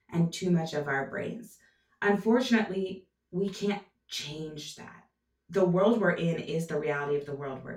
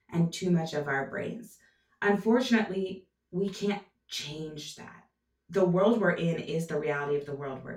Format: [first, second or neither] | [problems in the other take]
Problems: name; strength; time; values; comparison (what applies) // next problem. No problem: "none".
neither | room echo; very slight; dies away in 0.2 s; the same in both // off-mic speech; far; the same in both